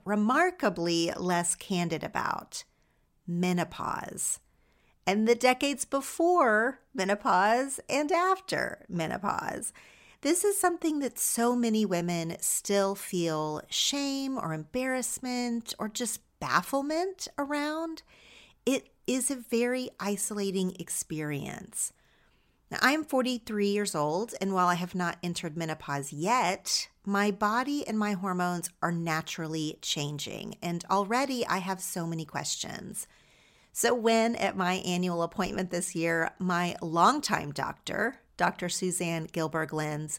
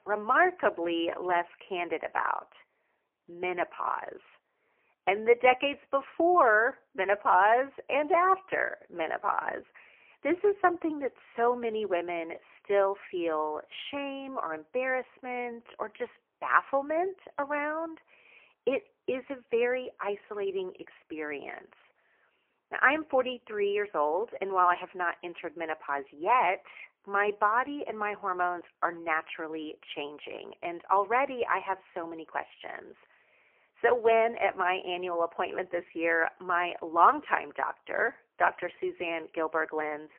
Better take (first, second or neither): first